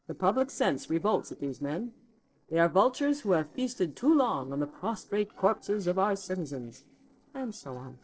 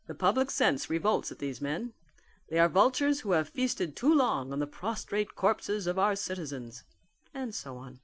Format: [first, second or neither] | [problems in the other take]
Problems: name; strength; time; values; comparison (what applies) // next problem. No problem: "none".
second | noise reduction (neural separator model SepFormer DNS4)